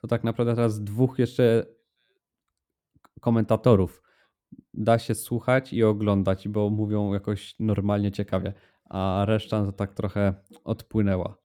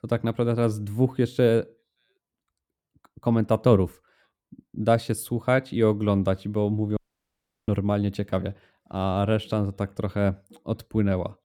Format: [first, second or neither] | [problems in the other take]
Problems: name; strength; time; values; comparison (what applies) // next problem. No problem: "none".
first | audio cutting out; at 7 s for 0.5 s